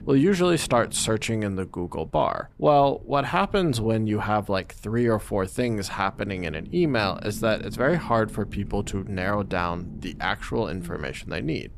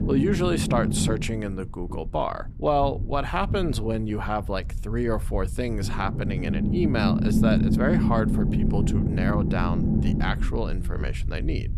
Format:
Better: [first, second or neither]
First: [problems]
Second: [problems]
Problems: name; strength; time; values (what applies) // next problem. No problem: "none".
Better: first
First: low rumble; faint; throughout; 25 dB below the speech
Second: low rumble; loud; throughout; 4 dB below the speech